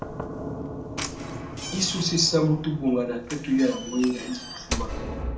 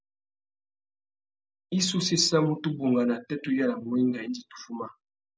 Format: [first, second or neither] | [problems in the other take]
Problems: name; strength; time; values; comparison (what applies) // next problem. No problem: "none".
second | background sound (Knock / Slam); 7 dB below the speech // room echo; dies away in 0.4 s